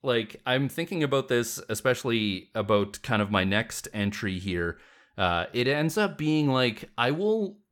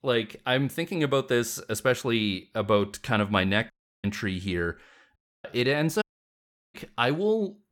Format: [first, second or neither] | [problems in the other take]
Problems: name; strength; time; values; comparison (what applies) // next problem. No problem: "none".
first | audio cutting out; at 3.5 s, at 5 s and at 6 s for 0.5 s